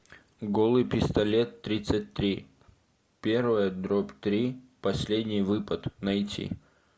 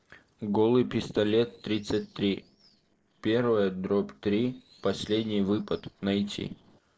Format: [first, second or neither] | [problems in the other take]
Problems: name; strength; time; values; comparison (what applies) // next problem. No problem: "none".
first | noise reduction (neural separator model SepFormer DNS4)